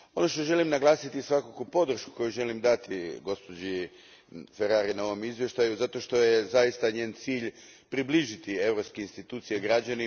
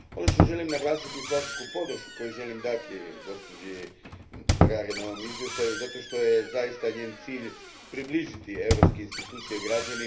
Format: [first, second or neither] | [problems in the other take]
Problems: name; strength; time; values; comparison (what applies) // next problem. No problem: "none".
first | background sound (Squeak); 1 dB above the speech // room echo; dies away in 0.3 s